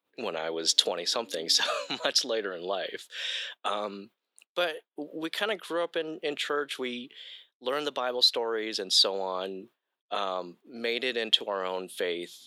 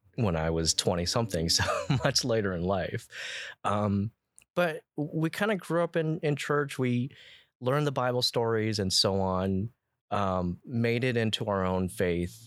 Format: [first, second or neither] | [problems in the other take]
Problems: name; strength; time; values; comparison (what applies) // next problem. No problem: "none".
second | thin; somewhat; fading below 300 Hz